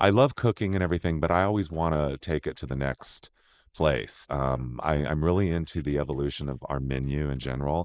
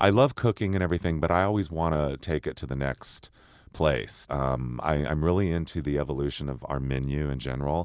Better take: second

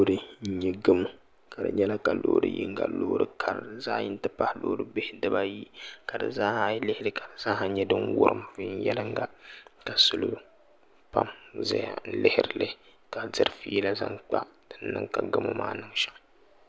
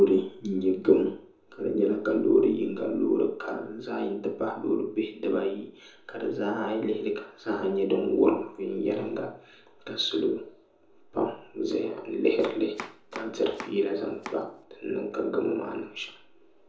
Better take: first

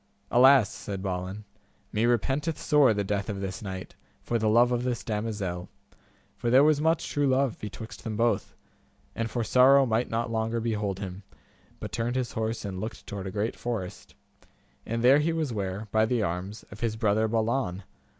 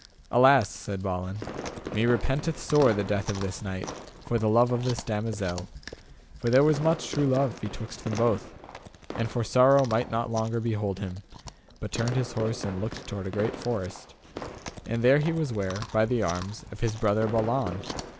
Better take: first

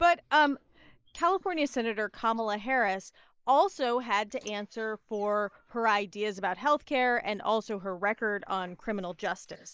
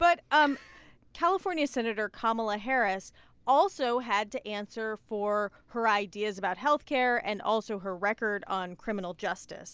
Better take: second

